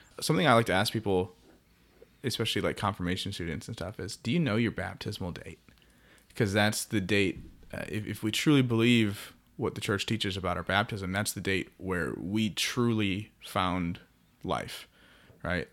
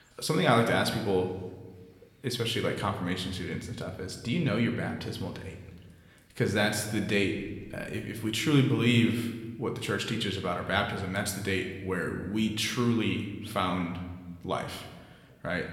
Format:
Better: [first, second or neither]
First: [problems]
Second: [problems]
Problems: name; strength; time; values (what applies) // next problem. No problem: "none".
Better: first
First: none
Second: room echo; slight; dies away in 1 s